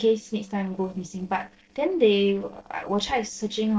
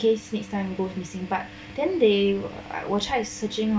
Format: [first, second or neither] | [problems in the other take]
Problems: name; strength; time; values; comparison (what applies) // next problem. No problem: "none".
second | noise reduction (neural separator model SepFormer DNS4)